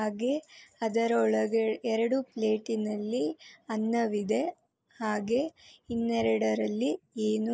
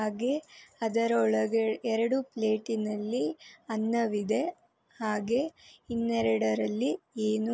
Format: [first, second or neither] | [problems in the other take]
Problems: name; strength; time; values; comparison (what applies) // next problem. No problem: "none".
second | noise reduction (neural mask model Resemble Enhance denoiser)